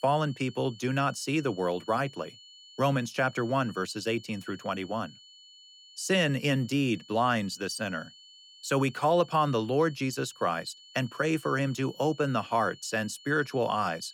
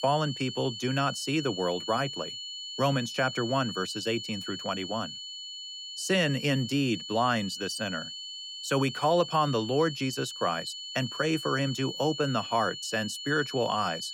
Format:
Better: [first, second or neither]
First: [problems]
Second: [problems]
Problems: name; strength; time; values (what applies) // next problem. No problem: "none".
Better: first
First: high-pitched whine; faint; throughout; 3 kHz, 20 dB below the speech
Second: high-pitched whine; loud; throughout; 3 kHz, 8 dB below the speech